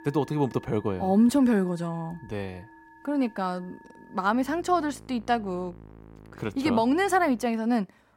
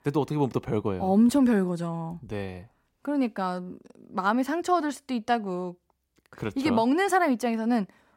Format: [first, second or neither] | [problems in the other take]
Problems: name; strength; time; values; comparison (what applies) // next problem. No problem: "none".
second | background music; faint; throughout; 25 dB below the speech